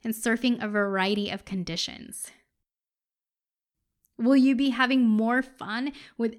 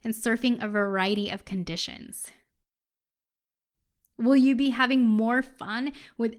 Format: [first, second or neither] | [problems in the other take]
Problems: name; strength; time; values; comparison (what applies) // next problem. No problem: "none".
first | garbled, watery; slightly